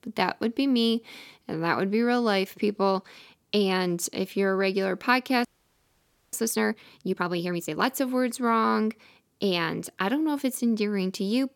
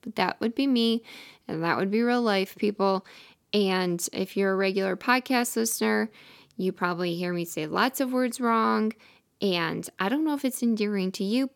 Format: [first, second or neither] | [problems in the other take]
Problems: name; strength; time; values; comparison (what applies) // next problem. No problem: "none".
second | audio freezing; at 5.5 s for 1 s